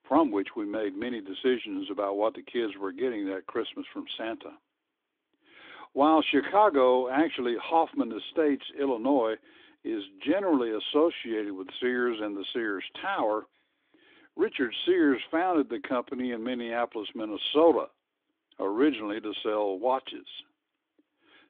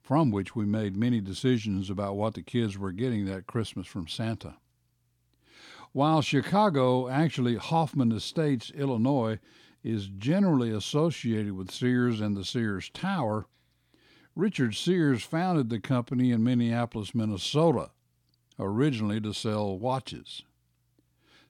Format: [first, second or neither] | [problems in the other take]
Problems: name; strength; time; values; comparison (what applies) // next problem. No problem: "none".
second | phone-call audio; nothing above 3.5 kHz